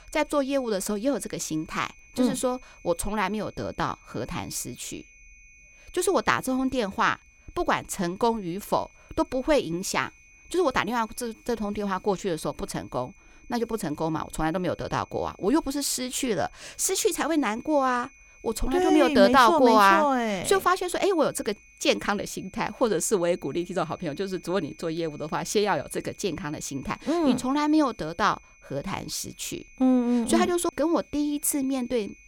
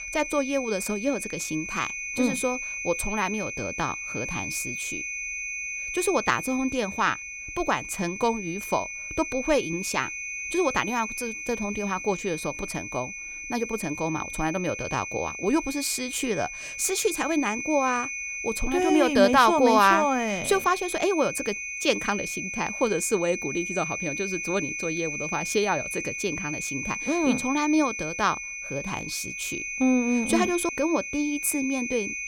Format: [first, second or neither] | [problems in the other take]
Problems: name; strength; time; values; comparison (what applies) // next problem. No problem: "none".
first | high-pitched whine; loud; throughout; 2.5 kHz, 5 dB below the speech; faint in the first